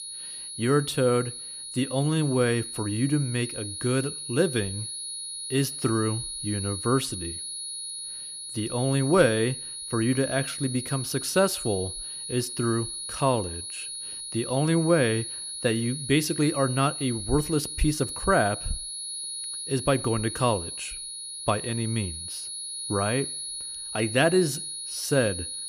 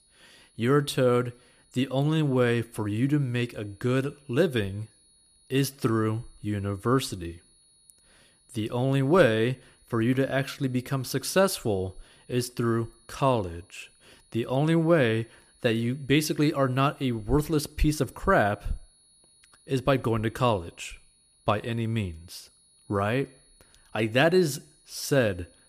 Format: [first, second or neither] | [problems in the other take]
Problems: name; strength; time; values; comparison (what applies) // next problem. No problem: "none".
second | high-pitched whine; loud; throughout; 10.5 kHz, 6 dB below the speech; faint in the second